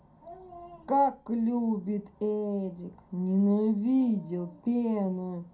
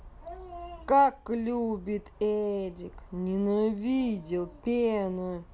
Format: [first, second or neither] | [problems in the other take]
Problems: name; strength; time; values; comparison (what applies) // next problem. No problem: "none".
second | room echo; dies away in 0.3 s